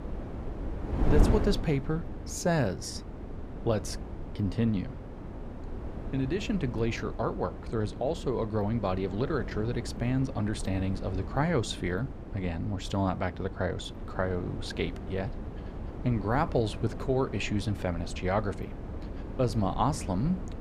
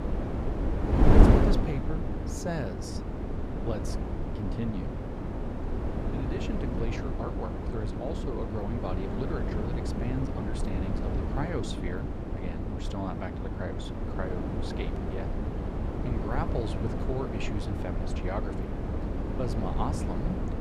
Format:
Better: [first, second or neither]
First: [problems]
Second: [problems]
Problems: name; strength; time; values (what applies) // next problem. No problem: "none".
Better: first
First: wind noise on the microphone; occasional gusts; 10 dB below the speech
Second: wind noise on the microphone; heavy; 2 dB above the speech